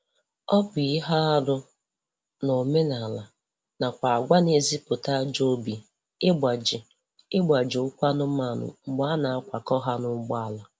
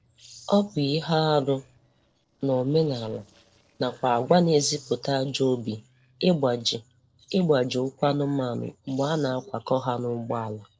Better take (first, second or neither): first